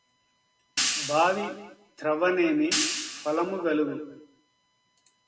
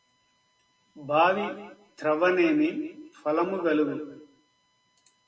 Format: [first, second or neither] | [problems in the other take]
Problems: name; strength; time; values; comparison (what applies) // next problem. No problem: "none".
second | background sound (Hi-hat); 4 dB below the speech